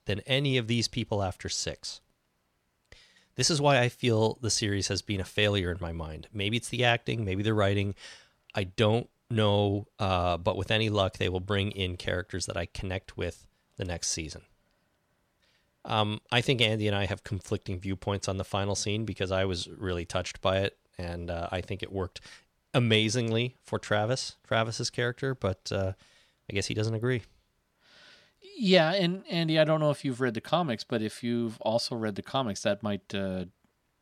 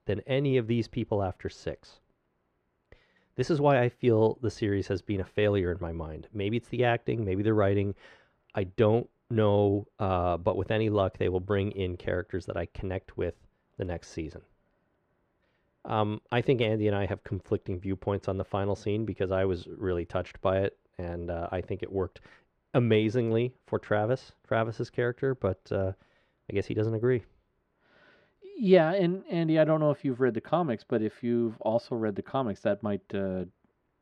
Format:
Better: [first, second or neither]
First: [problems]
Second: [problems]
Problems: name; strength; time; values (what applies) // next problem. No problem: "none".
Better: first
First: none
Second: muffled; very; fading above 3.5 kHz